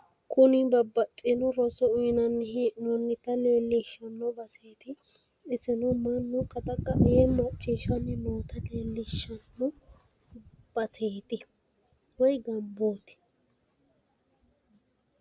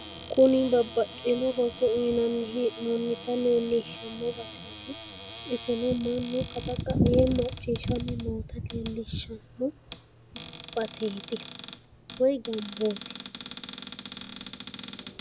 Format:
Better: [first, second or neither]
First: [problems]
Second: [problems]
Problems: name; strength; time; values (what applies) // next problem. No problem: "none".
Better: first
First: none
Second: background sound (Cupboard open or close); 14 dB below the speech